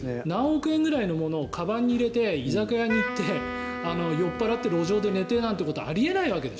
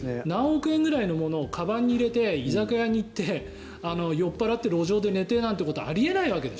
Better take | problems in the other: second | background sound (Wind instrument, woodwind instrument); 9 dB below the speech

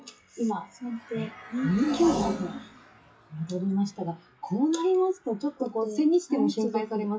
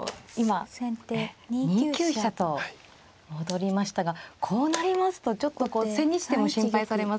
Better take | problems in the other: second | noise reduction (classical method WPE with log-MMSE)

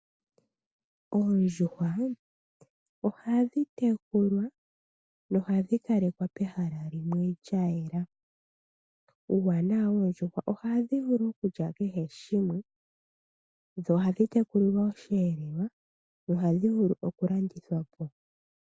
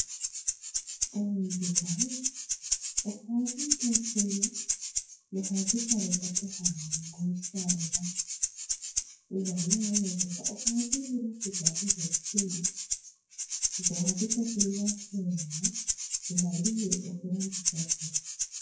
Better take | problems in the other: first | noise reduction (classical method WPE with log-MMSE)

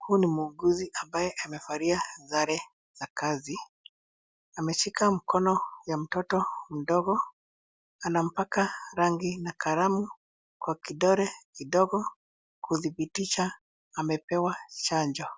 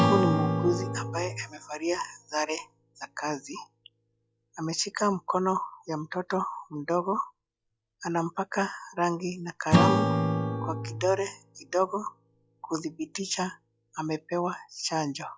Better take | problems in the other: first | noise reduction (classical method log-MMSE)

